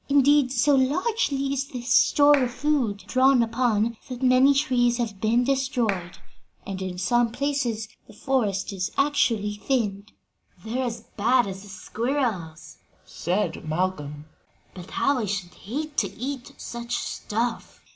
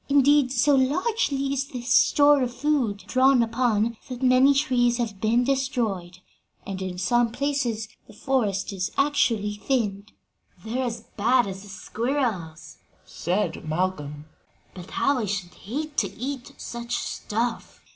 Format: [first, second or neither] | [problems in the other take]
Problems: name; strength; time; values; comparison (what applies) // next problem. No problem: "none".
second | background sound (Clapping); 9 dB below the speech